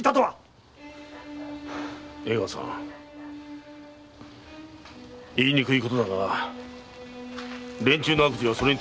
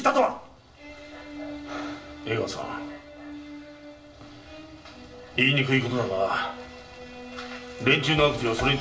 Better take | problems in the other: first | room echo; dies away in 0.4 s

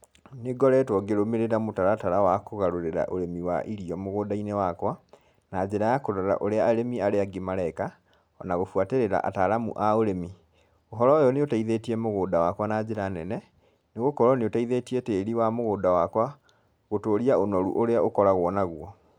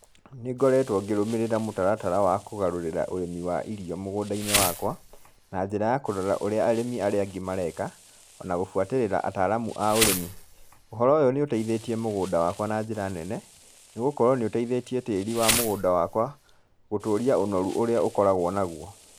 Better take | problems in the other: first | background sound (Insect); 11 dB below the speech

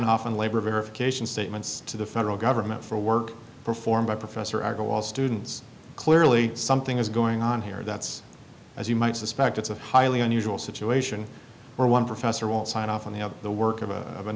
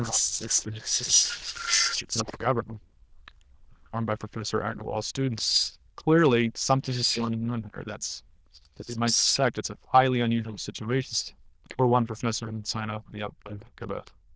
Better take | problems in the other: first | noise reduction (neural diffusion model UNIVERSE++)

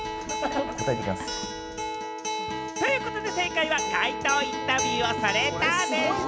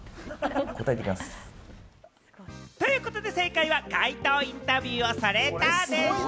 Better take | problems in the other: second | background sound (Acoustic guitar); 3 dB below the speech

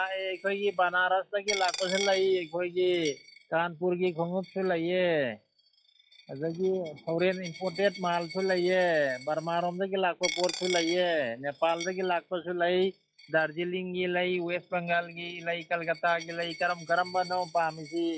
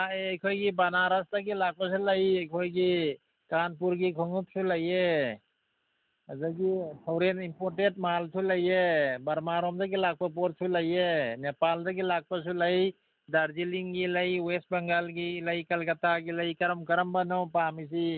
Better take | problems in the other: second | noise reduction (classical method log-MMSE)

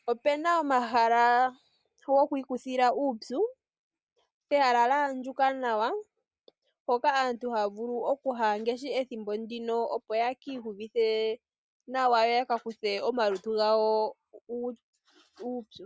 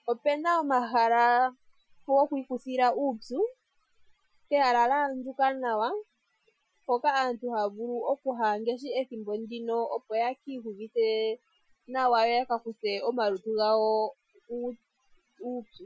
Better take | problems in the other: first | noise reduction (classical method Wiener filter)

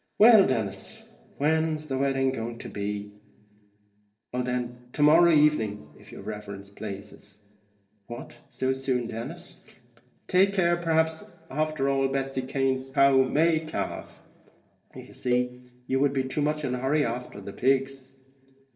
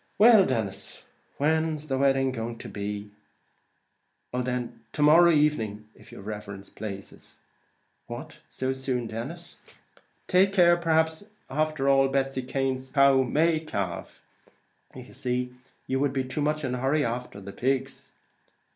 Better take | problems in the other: second | noise reduction (neural separator model SepFormer DNS4)

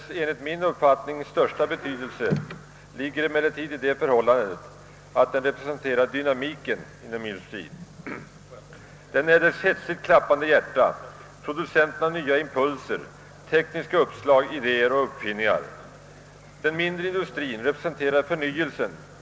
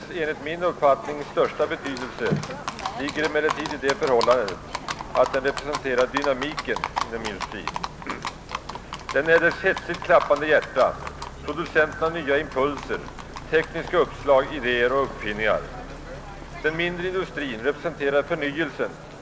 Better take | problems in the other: first | background sound (Livestock, farm animals, working animals); 10 dB below the speech

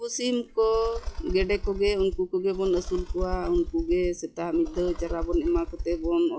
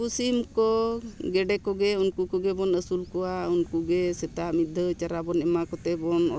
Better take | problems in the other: second | noise reduction (classical method log-MMSE)

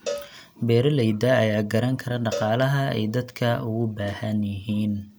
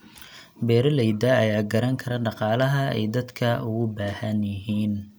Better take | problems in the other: second | background sound (Cowbell); 15 dB below the speech

